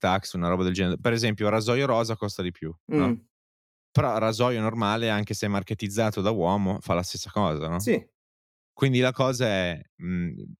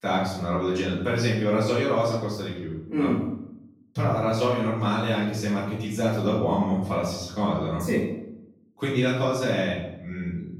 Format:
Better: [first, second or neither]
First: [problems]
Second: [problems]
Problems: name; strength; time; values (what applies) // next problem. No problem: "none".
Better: first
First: none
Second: off-mic speech; far // room echo; noticeable; dies away in 0.7 s